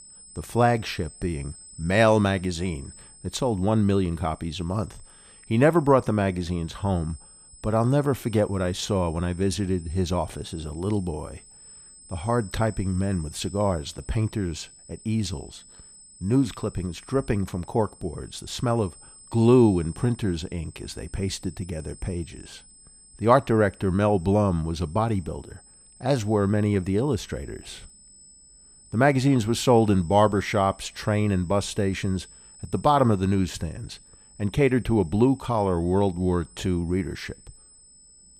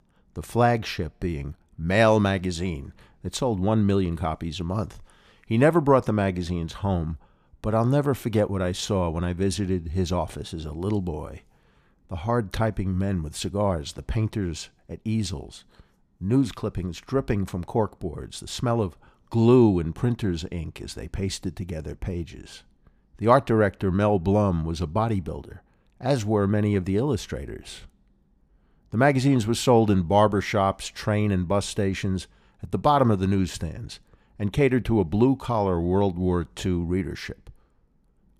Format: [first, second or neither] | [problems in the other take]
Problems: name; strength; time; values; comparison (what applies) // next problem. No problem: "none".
second | high-pitched whine; faint; throughout; 8 kHz, 20 dB below the speech